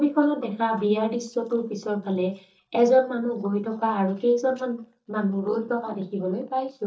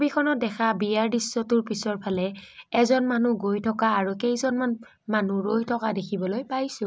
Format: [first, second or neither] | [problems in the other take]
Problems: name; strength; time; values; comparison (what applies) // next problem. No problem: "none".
second | noise reduction (neural mask model DeepFilterNet 3)